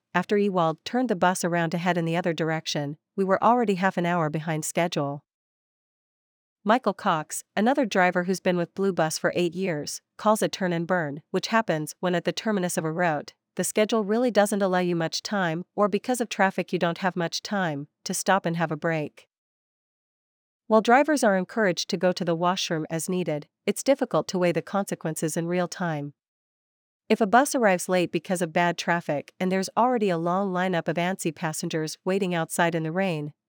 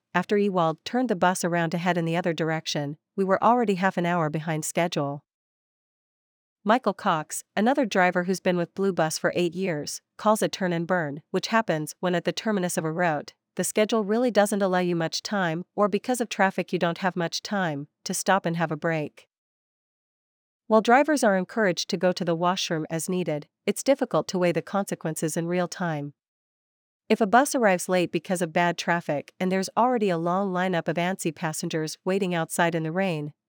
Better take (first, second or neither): neither